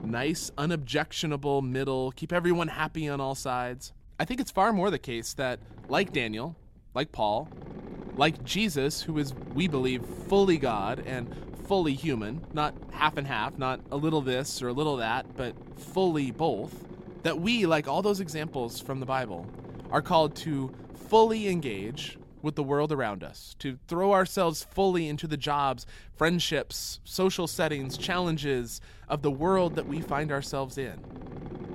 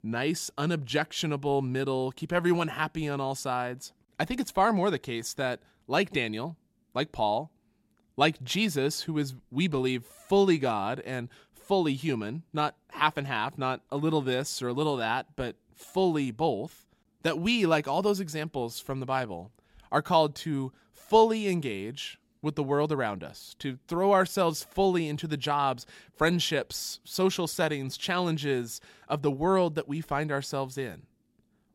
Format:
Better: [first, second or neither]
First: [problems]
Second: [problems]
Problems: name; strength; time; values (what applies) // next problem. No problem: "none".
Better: second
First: low rumble; noticeable; throughout; 20 dB below the speech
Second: none